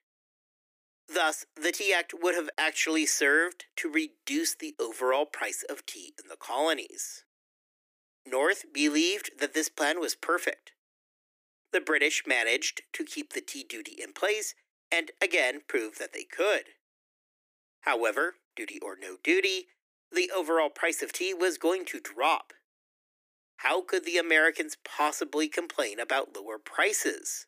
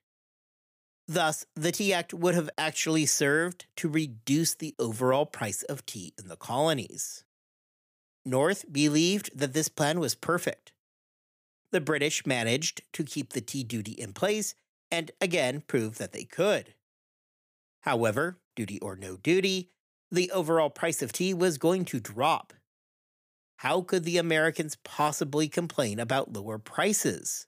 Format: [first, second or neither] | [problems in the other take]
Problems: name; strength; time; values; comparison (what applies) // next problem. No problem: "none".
second | thin; somewhat; fading below 300 Hz